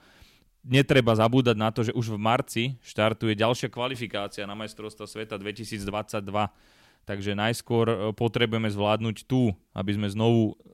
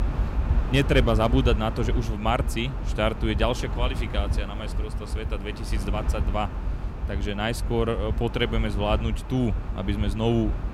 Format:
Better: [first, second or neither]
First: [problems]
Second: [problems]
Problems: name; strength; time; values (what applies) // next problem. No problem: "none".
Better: first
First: none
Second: wind noise on the microphone; occasional gusts; 10 dB below the speech